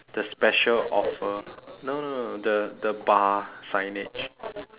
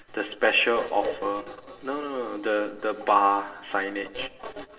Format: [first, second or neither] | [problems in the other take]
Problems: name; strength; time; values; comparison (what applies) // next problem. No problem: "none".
first | room echo; dies away in 0.8 s